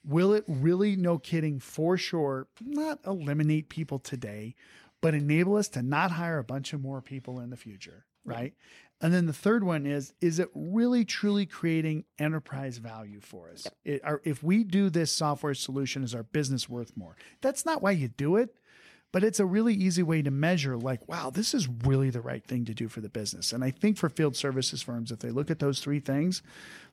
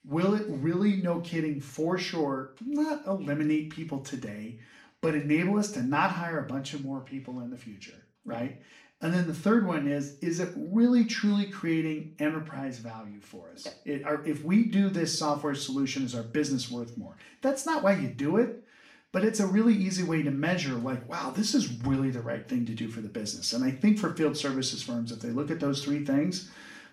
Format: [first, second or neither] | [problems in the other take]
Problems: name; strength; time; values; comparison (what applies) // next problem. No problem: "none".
first | room echo; slight; dies away in 0.4 s // off-mic speech; far